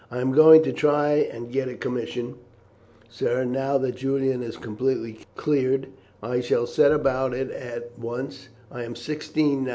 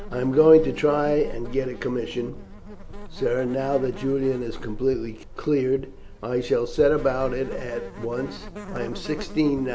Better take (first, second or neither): first